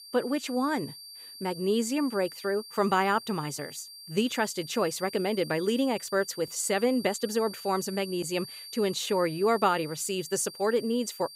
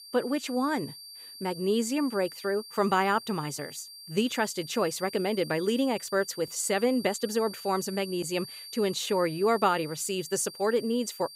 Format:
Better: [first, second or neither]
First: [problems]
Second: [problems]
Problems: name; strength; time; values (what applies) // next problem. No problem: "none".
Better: neither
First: high-pitched whine; noticeable; throughout; 4.5 kHz, 15 dB below the speech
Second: high-pitched whine; noticeable; throughout; 4.5 kHz, 15 dB below the speech